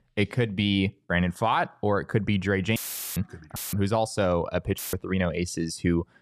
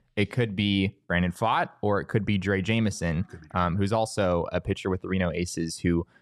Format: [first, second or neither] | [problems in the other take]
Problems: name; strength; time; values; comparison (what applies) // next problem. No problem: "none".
second | audio cutting out; filled with static; at 3 s, at 3.5 s and at 5 s